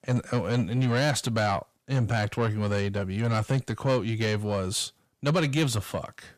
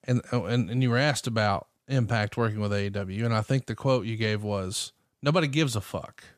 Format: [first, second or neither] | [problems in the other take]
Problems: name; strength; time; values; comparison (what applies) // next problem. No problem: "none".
second | distortion; slight; 10 dB below the speech